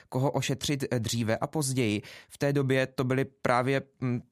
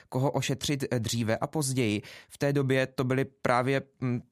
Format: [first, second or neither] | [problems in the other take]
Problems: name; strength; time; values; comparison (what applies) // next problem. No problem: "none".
neither | none